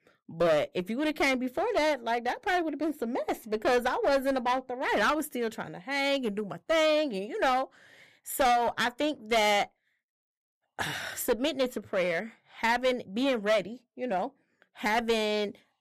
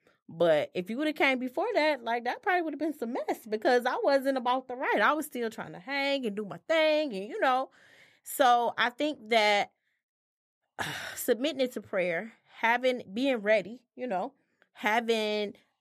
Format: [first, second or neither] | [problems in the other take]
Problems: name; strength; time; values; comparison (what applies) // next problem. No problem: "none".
second | distortion; slight; 7% of the sound clipped